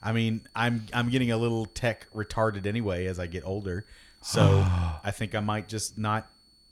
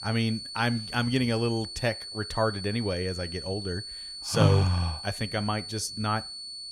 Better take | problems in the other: first | high-pitched whine; loud; throughout; 4.5 kHz, 8 dB below the speech; faint in the first

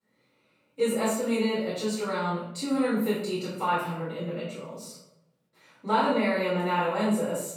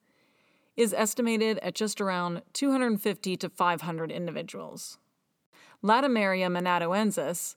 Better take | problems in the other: second | off-mic speech; far // room echo; noticeable; dies away in 0.7 s

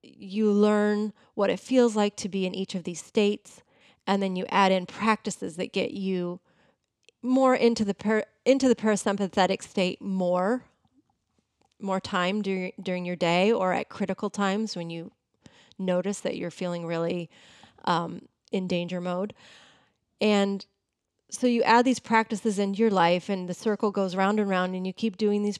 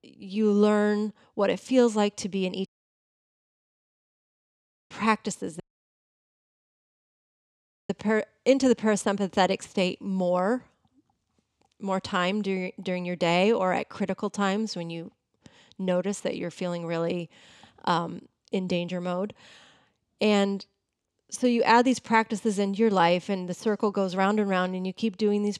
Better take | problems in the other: first | audio cutting out; at 2.5 s for 2 s and at 5.5 s for 2.5 s

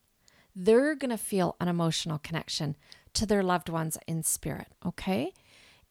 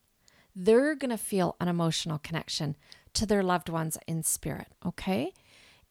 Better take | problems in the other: neither | none

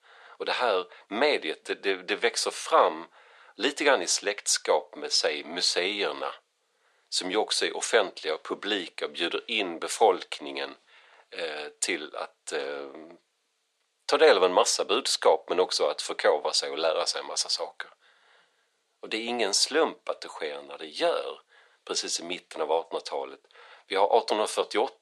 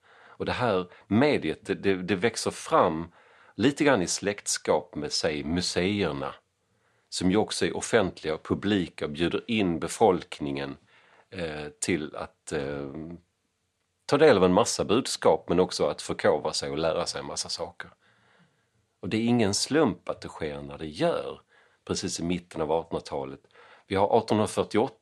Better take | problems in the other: second | thin; somewhat; fading below 450 Hz

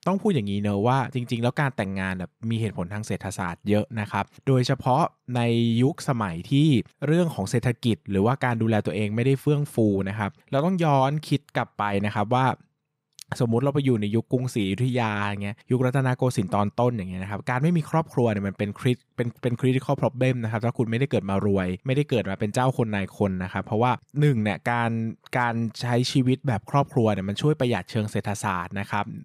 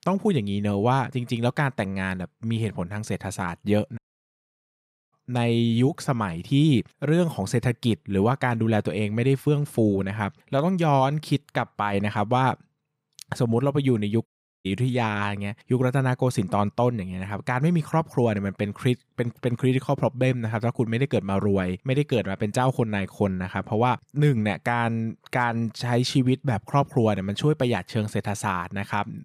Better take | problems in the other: first | audio cutting out; at 4 s for 1 s and at 14 s

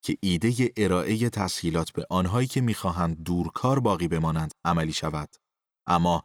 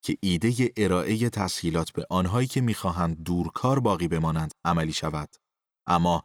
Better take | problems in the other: neither | none

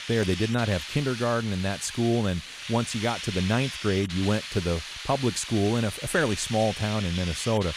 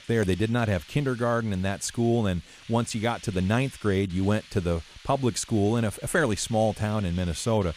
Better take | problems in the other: second | hiss; loud; throughout; 8 dB below the speech; faint in the second

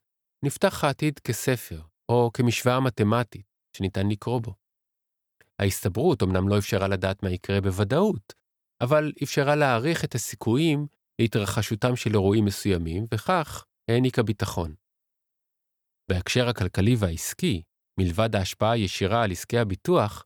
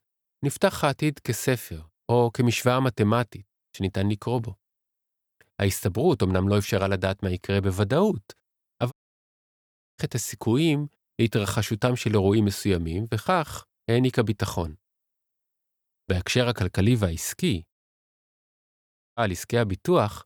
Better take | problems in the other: first | audio cutting out; at 9 s for 1 s and at 18 s for 1.5 s

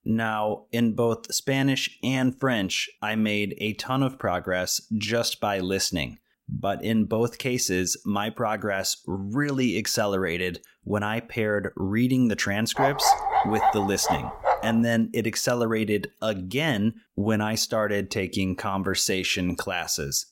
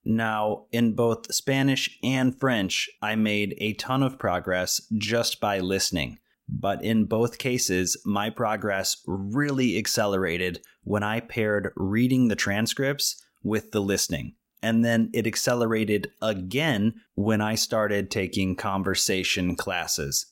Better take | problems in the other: second | dog barking; loud; from 13 to 15 s; peak 4 dB above the speech

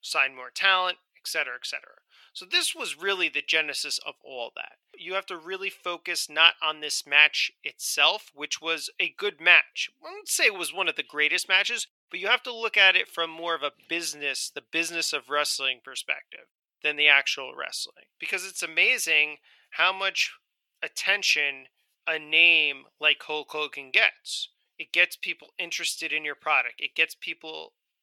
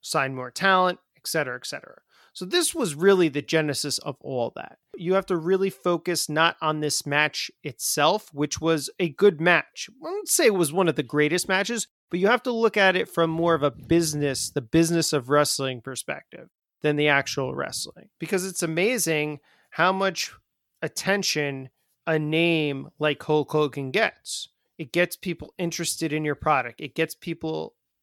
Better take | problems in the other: second | thin; very; fading below 600 Hz

